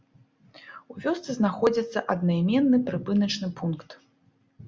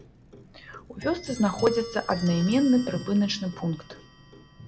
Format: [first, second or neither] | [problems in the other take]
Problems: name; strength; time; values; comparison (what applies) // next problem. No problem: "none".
first | background sound (Clock); 16 dB below the speech